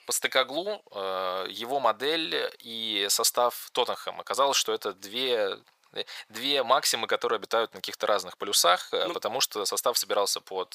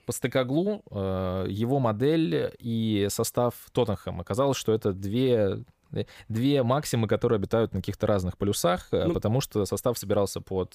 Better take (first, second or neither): second